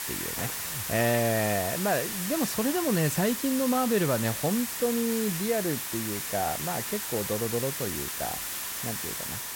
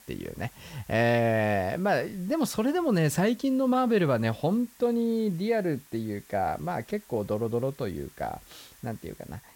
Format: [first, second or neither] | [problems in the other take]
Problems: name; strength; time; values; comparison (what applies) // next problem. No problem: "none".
second | hiss; loud; throughout; 2 dB below the speech; faint in the second